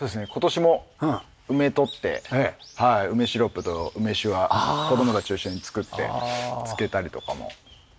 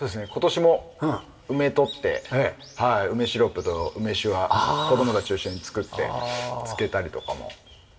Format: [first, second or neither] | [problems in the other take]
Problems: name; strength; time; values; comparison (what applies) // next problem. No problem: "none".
first | room echo; dies away in 0.5 s